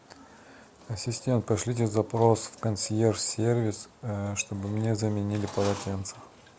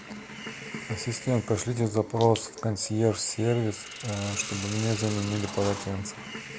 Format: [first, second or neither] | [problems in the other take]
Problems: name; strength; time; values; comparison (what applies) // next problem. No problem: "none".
first | background sound (Hiss); 11 dB below the speech